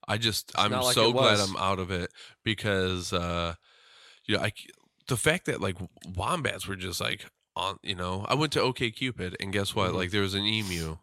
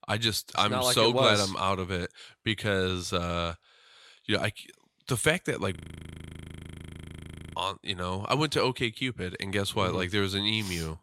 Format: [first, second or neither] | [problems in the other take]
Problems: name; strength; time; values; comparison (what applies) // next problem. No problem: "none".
first | audio freezing; at 6 s for 2 s